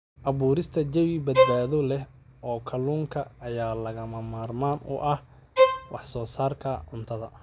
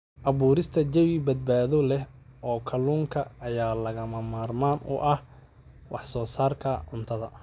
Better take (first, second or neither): second